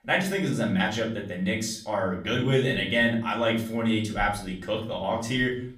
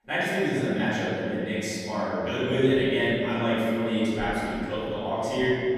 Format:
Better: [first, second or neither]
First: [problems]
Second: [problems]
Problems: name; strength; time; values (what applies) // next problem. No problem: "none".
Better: first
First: room echo; slight; dies away in 0.4 s // off-mic speech; far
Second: room echo; strong; dies away in 2.3 s // off-mic speech; far